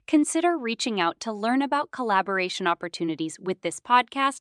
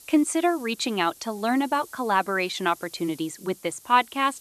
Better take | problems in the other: first | hiss; faint; throughout; 20 dB below the speech

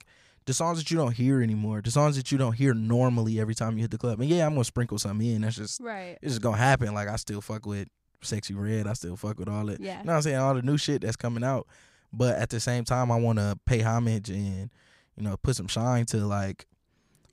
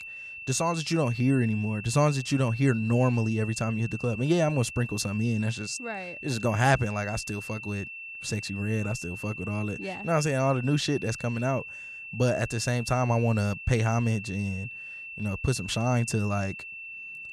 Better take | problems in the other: first | high-pitched whine; noticeable; throughout; 2.5 kHz, 10 dB below the speech

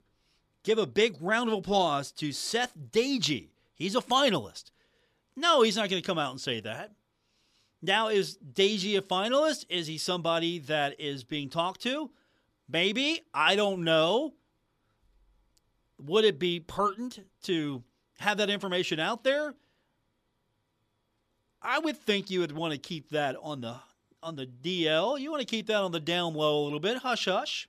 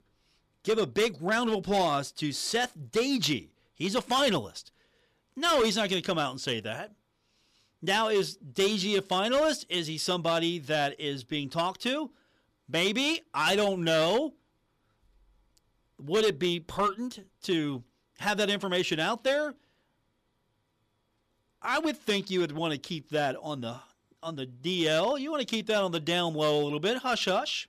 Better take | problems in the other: first | distortion; slight; 4% of the sound clipped

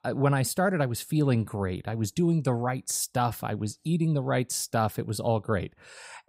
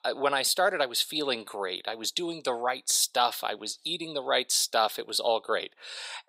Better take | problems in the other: first | thin; very; fading below 450 Hz

